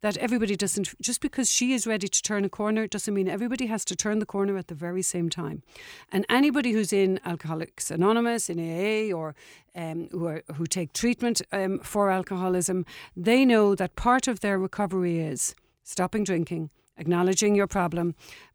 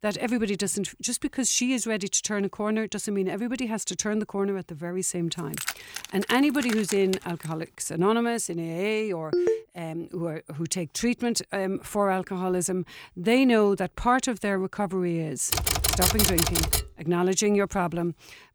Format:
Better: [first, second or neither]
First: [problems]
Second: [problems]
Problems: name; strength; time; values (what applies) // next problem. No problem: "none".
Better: first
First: none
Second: jangling keys; noticeable; from 5.5 to 7.5 s; peak 5 dB below the speech // phone ringing; loud; at 9.5 s; peak 1 dB above the speech // keyboard typing; loud; from 16 to 17 s; peak 6 dB above the speech